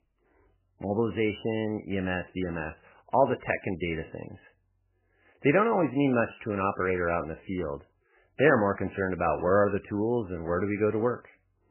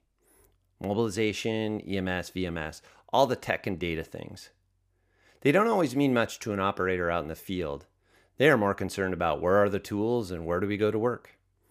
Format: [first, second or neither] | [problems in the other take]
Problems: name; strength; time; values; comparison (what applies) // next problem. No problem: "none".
second | garbled, watery; badly; nothing above 3 kHz